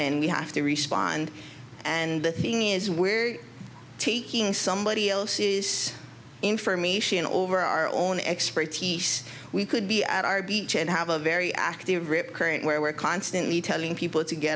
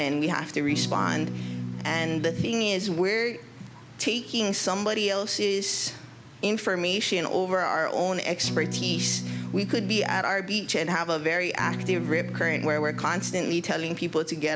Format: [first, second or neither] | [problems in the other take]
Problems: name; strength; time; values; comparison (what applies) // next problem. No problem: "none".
first | background sound (Electric guitar / Strum); 5 dB below the speech